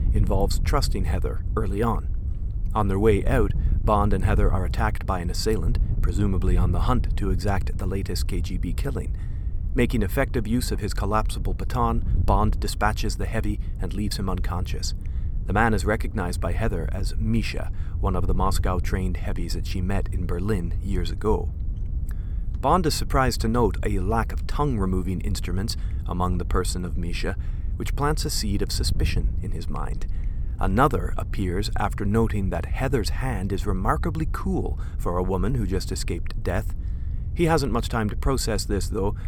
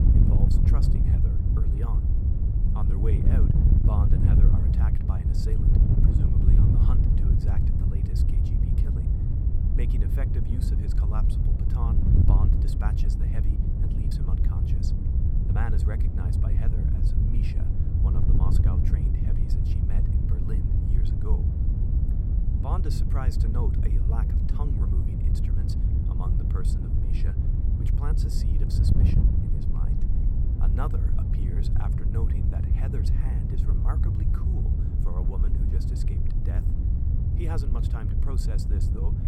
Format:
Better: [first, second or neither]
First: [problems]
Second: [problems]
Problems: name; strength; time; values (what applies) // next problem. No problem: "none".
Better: first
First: wind noise on the microphone; occasional gusts; 20 dB below the speech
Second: wind noise on the microphone; heavy; 3 dB above the speech